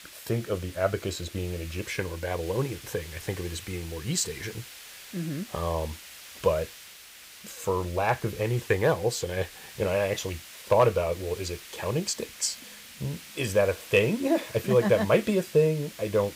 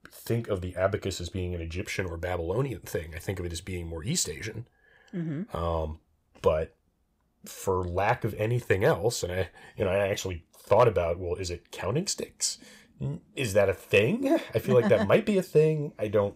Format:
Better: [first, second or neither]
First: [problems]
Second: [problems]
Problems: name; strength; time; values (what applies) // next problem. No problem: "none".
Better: second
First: hiss; noticeable; throughout; 15 dB below the speech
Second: none